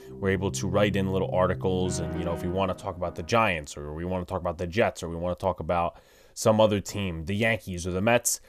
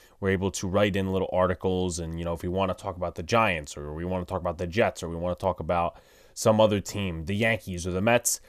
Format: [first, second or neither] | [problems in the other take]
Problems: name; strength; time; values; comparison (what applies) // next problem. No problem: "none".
second | background music; loud; until 3 s; 9 dB below the speech